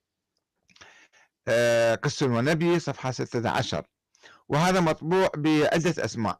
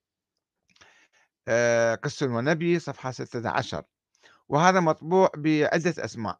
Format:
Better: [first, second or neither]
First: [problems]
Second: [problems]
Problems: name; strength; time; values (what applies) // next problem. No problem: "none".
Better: second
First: distortion; heavy; 13% of the sound clipped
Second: none